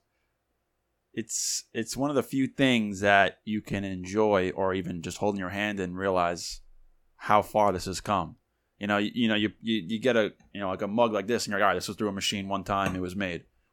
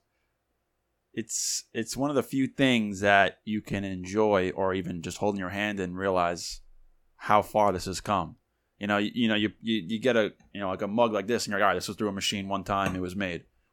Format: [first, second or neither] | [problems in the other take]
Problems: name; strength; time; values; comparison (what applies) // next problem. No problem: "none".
neither | none